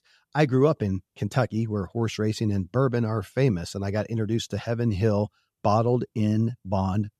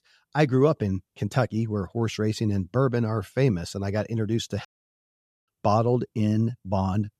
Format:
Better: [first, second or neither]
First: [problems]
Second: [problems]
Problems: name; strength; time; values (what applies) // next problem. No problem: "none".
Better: first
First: none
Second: audio cutting out; at 4.5 s for 1 s